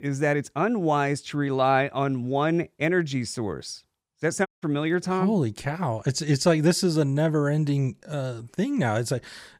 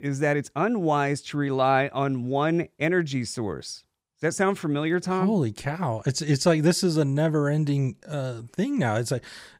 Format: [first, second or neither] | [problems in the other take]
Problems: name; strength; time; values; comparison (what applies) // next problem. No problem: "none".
second | audio cutting out; at 4.5 s